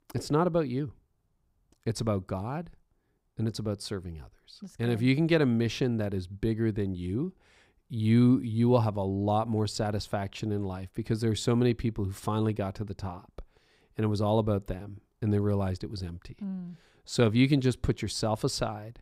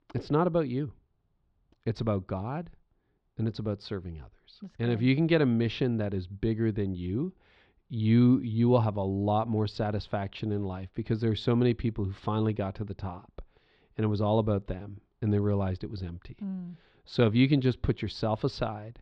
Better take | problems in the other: first | muffled; very slightly; fading above 4 kHz

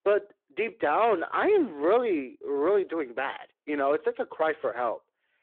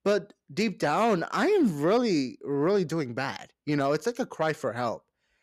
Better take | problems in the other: second | phone-call audio

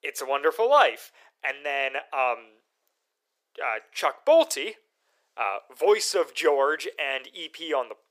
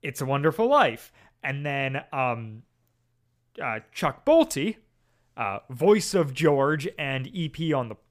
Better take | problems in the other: second | thin; very; fading below 400 Hz

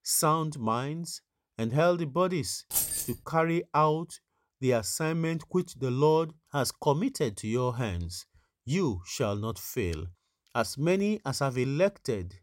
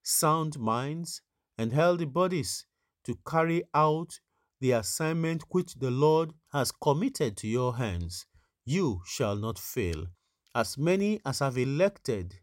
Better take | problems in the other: second | jangling keys; loud; at 2.5 s; peak 2 dB above the speech

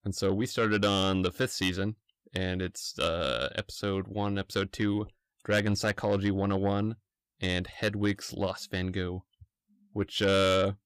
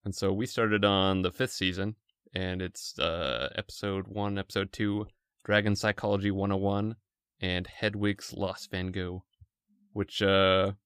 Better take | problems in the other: second | distortion; slight; 10 dB below the speech

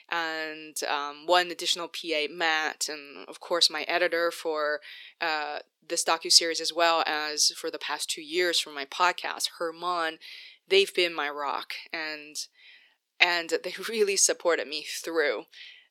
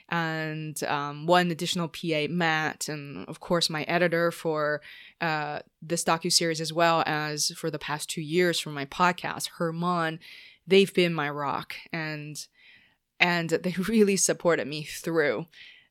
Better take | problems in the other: second | thin; very; fading below 350 Hz

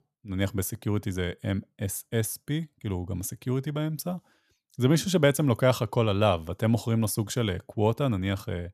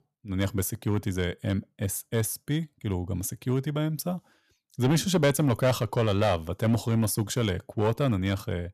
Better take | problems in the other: first | distortion; slight; 4% of the sound clipped

